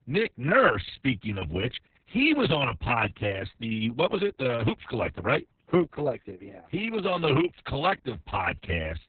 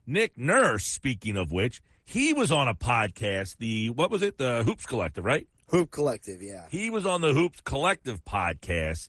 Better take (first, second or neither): second